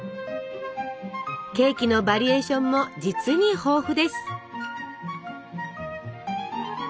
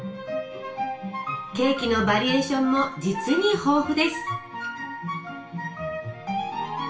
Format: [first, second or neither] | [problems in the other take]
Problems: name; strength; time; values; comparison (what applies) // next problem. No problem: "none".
first | room echo; dies away in 0.4 s